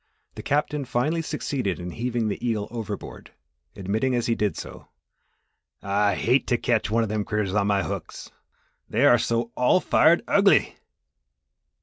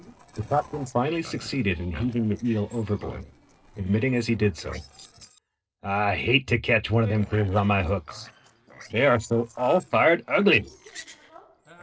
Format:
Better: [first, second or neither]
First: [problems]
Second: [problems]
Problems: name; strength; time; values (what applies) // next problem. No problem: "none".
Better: first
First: none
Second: noise reduction (neural separator model SepFormer DNS4)